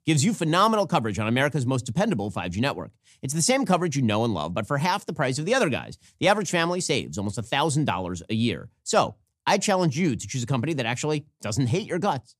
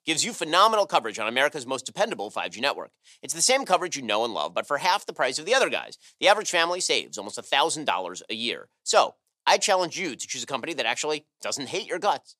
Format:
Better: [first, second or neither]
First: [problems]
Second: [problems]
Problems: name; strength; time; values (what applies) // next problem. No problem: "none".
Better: first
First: none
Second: thin; very; fading below 550 Hz